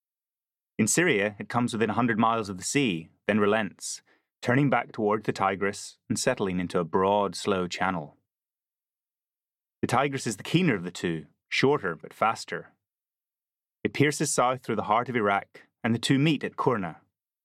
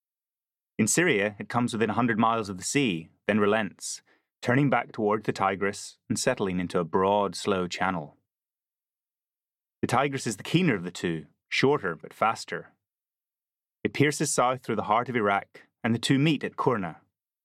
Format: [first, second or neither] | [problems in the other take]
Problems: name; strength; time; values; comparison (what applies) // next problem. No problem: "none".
neither | none